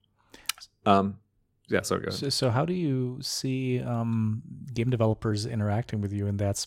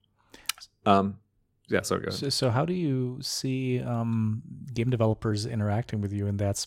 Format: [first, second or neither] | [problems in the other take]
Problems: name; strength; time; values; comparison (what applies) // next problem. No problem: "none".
neither | none